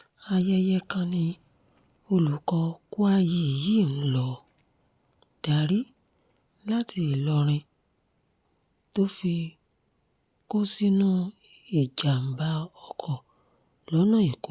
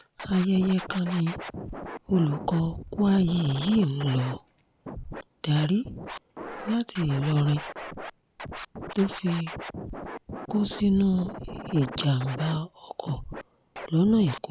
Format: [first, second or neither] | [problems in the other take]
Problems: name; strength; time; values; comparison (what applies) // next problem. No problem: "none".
first | background sound (Scratching (performance technique)); 12 dB below the speech